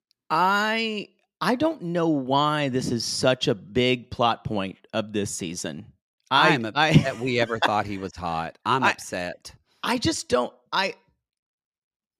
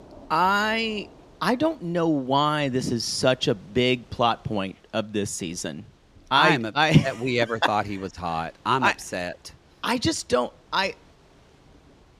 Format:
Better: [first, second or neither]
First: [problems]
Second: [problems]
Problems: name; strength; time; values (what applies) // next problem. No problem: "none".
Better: first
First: none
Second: rain or running water; faint; throughout; 30 dB below the speech